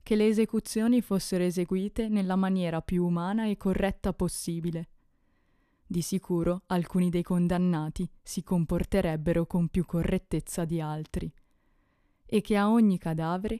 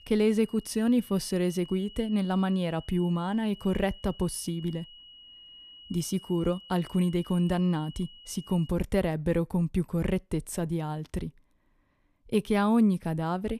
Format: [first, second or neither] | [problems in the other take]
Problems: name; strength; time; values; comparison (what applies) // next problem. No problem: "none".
first | high-pitched whine; noticeable; until 8.5 s; 3 kHz, 20 dB below the speech